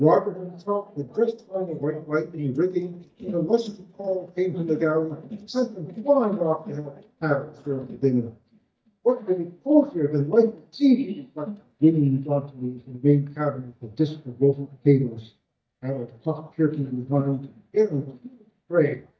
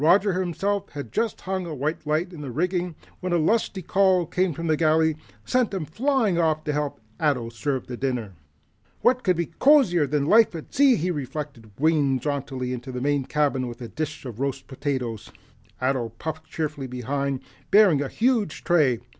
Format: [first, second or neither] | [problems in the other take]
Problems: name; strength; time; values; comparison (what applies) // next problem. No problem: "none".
second | noise reduction (neural mask model DeepFilterNet 3)